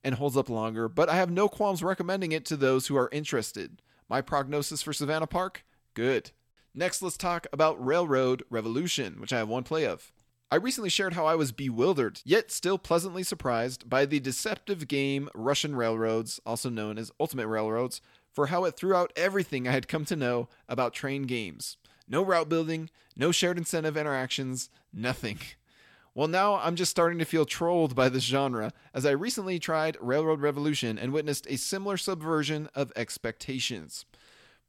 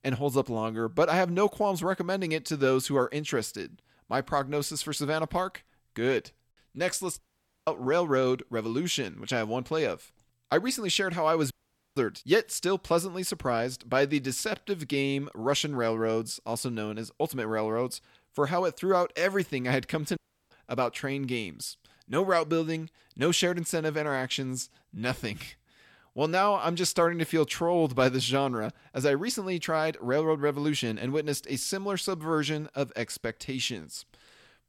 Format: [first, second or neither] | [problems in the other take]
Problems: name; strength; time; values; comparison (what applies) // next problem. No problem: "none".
first | audio cutting out; at 7 s, at 12 s and at 20 s